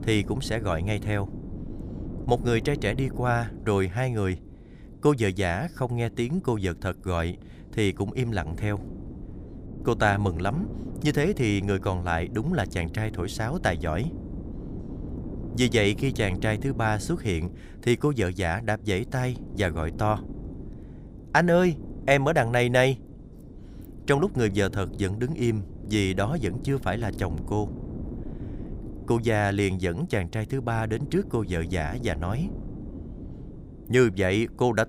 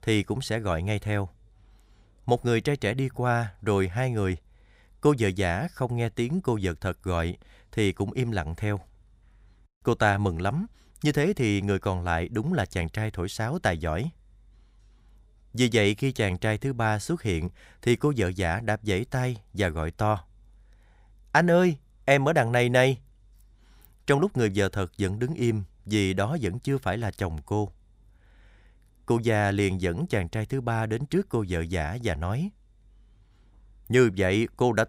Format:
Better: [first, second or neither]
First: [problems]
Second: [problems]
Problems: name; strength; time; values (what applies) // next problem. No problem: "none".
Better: second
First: wind noise on the microphone; occasional gusts; 20 dB below the speech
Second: none